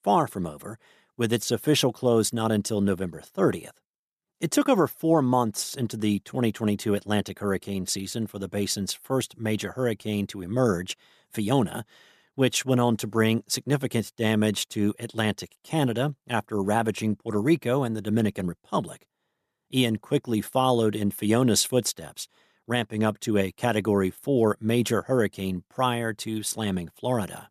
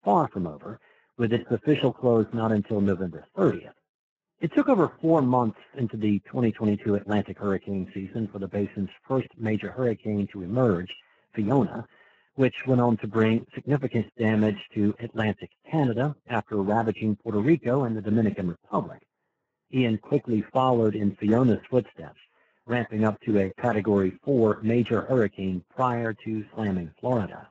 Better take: first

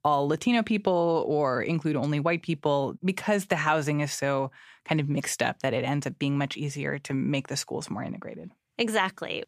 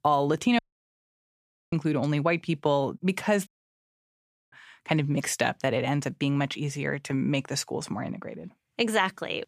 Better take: first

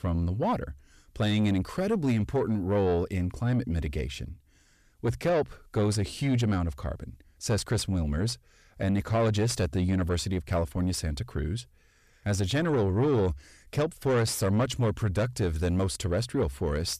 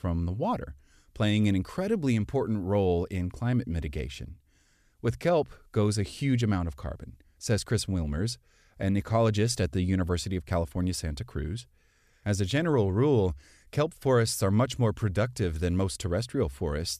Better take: second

